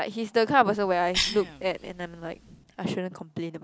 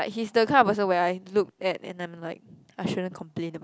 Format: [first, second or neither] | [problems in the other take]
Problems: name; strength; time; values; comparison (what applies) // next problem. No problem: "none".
second | background sound (Cough); 9 dB below the speech